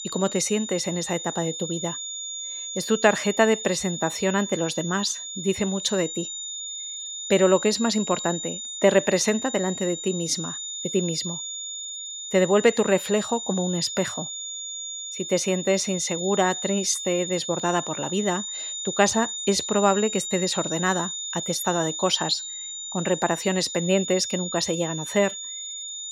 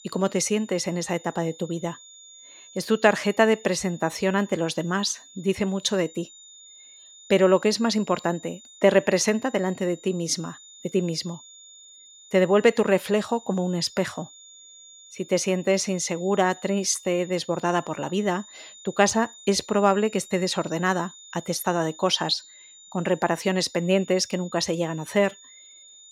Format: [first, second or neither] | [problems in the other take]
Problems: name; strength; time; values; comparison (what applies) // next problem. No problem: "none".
second | high-pitched whine; loud; throughout; 7 kHz, 6 dB below the speech; faint in the second